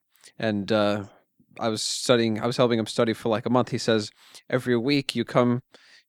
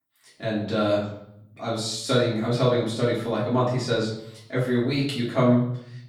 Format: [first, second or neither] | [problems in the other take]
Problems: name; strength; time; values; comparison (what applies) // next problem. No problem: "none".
first | off-mic speech; far // room echo; noticeable; dies away in 0.6 s